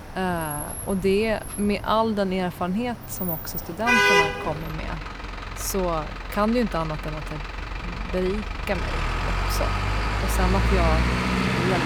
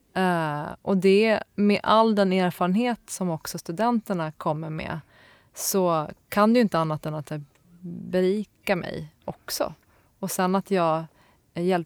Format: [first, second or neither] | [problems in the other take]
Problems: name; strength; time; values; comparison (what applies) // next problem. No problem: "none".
second | traffic noise; very loud; throughout; 1 dB above the speech